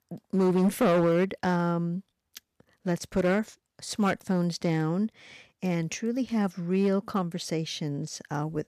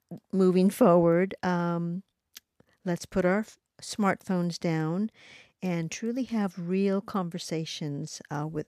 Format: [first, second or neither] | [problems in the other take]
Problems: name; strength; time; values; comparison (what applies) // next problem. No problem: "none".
second | distortion; slight; 4% of the sound clipped